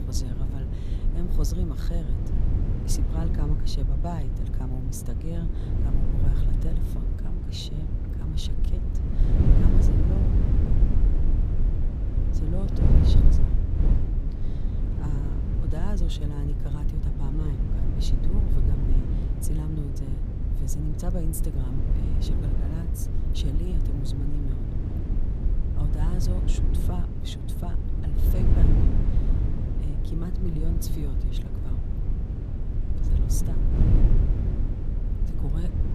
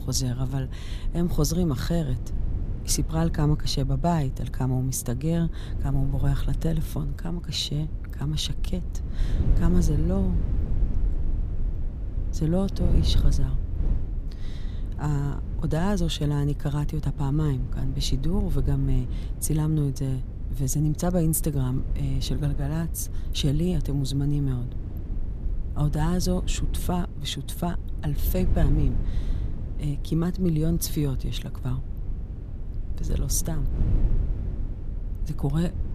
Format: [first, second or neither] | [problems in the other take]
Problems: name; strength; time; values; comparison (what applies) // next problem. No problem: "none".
second | wind noise on the microphone; heavy; 1 dB above the speech; occasional gusts in the second